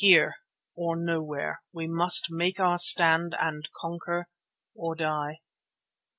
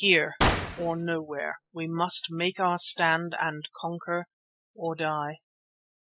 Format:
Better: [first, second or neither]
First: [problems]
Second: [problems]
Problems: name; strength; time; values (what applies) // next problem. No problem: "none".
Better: first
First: none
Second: noise reduction (classical method spectral subtraction)